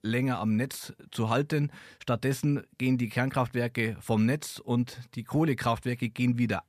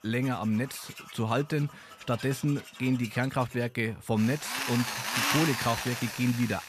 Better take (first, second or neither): first